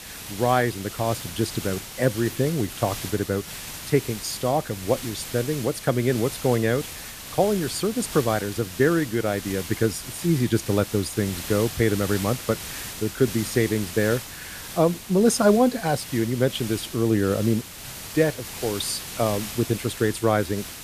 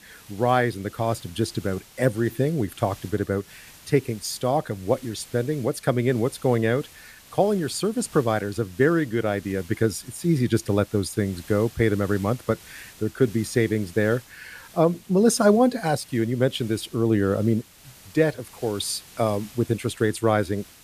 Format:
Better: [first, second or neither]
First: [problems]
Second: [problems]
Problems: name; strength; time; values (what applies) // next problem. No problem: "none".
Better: second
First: hiss; loud; throughout; 10 dB below the speech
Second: hiss; faint; throughout; 20 dB below the speech